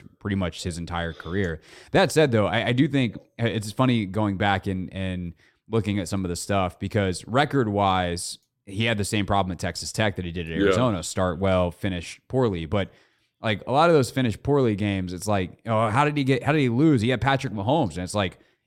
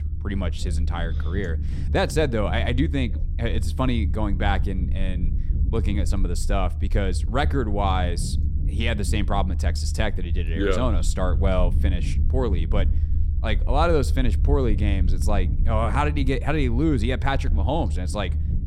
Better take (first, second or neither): first